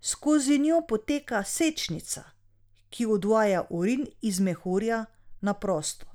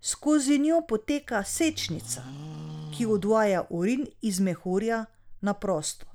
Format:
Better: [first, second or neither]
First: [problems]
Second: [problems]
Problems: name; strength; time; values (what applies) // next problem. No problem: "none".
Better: first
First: none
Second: background sound (Livestock, farm animals, working animals); 16 dB below the speech